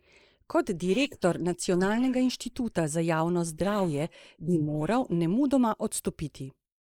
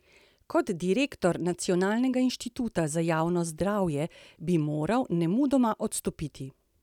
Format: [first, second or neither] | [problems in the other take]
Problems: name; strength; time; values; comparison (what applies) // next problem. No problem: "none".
second | noise reduction (neural mask model Resemble Enhance denoiser)